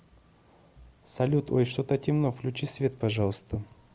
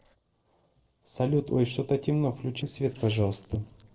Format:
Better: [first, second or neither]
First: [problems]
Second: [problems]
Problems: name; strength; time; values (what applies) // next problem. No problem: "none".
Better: first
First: none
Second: noise reduction (neural separator model SepFormer DNS4)